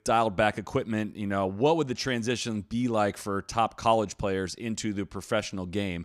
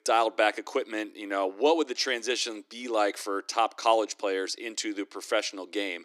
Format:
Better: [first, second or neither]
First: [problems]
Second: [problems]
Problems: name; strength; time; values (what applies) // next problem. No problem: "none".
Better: first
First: none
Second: thin; somewhat; fading below 300 Hz